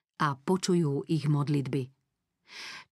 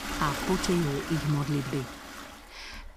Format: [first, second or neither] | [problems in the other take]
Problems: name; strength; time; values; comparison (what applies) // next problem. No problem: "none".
first | rain or running water; loud; throughout; 6 dB below the speech